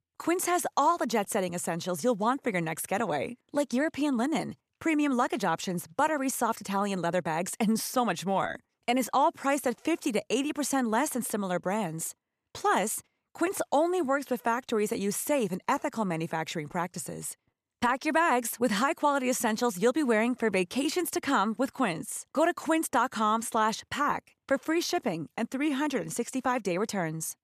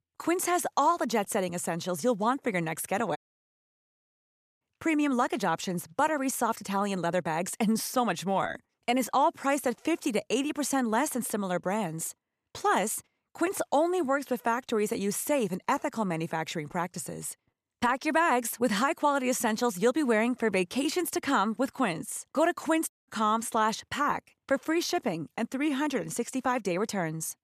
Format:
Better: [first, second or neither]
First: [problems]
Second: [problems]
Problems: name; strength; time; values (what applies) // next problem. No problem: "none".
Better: first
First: none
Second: audio cutting out; at 3 s for 1.5 s and at 23 s